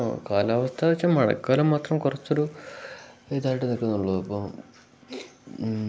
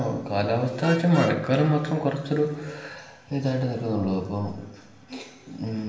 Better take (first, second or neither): first